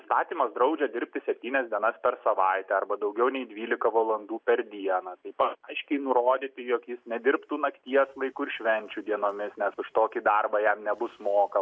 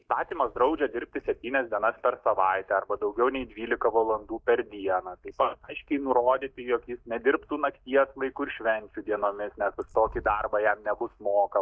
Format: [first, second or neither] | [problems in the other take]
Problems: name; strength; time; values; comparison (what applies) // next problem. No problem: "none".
first | noise reduction (neural mask model DeepFilterNet 3)